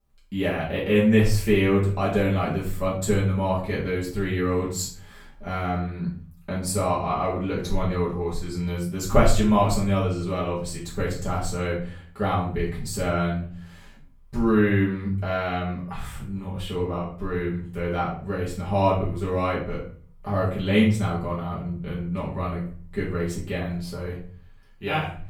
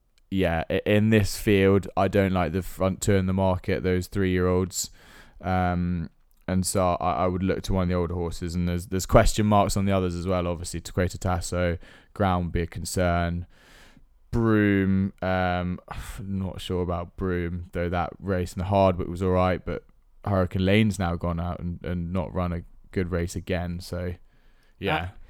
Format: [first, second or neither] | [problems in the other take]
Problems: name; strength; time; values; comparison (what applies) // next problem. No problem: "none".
second | off-mic speech; far // room echo; slight; dies away in 0.4 s